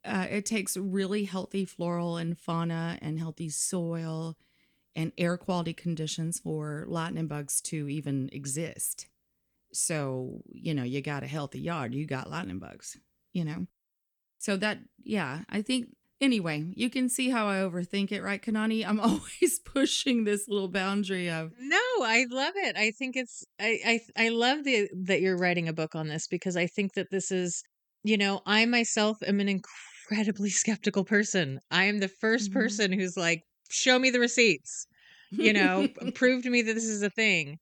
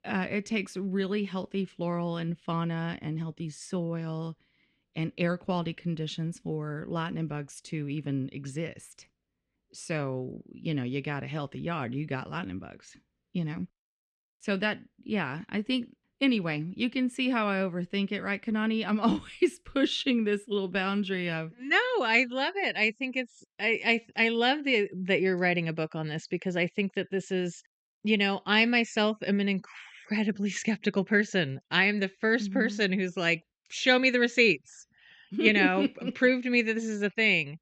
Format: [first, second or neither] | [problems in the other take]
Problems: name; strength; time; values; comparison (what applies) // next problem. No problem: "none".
first | muffled; slightly; fading above 3 kHz